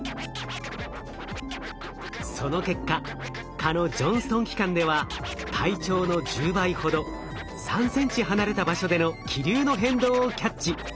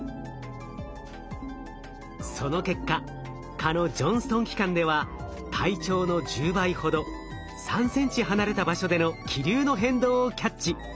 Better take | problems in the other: second | background sound (Scratching (performance technique)); 12 dB below the speech

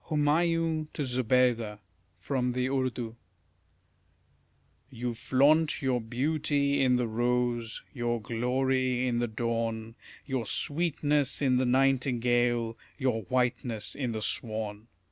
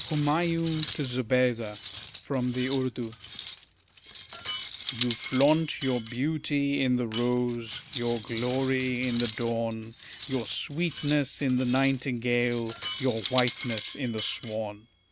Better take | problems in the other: first | background sound (Cutlery, silverware); 12 dB below the speech

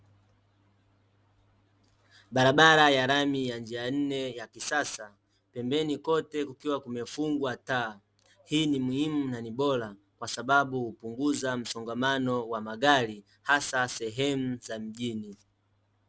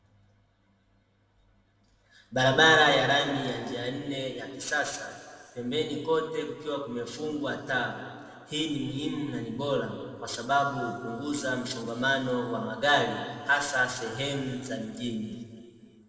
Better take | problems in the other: first | room echo; dies away in 2.1 s

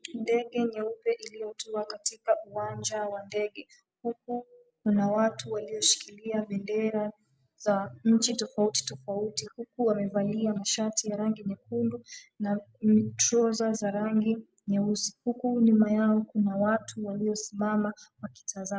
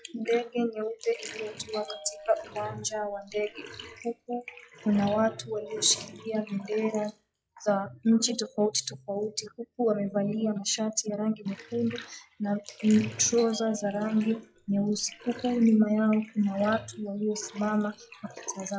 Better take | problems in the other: first | noise reduction (classical method log-MMSE)

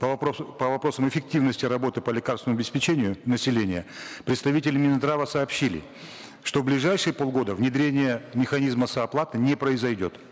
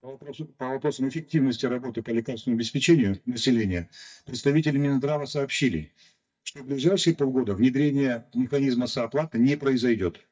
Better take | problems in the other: first | noise reduction (neural mask model DeepFilterNet 3)

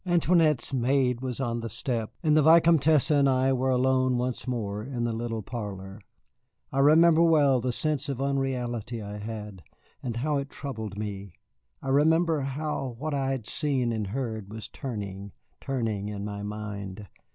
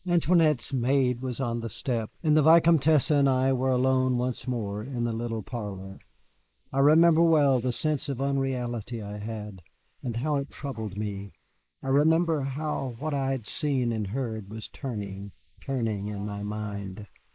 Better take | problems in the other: first | noise reduction (neural mask model Resemble Enhance denoiser)

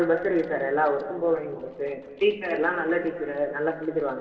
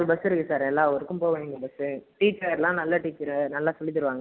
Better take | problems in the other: second | noise reduction (neural separator model SepFormer DNS4)

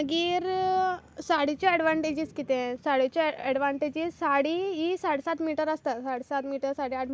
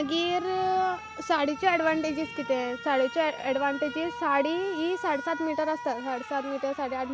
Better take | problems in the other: first | background sound (Alarm); 12 dB below the speech

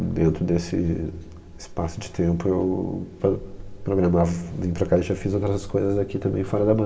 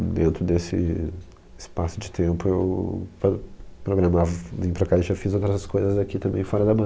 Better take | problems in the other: second | room echo; dies away in 1.6 s

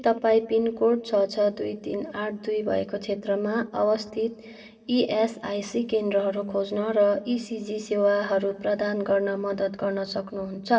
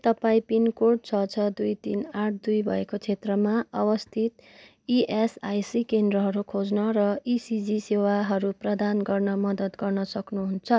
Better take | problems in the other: second | room echo; dies away in 1.7 s

